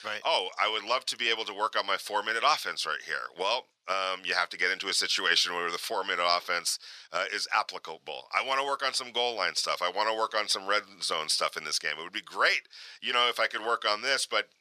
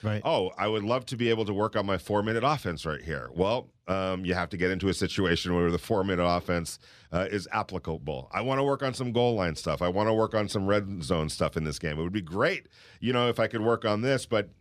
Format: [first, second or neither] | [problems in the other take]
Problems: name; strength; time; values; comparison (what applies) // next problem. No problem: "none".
second | thin; very; fading below 1 kHz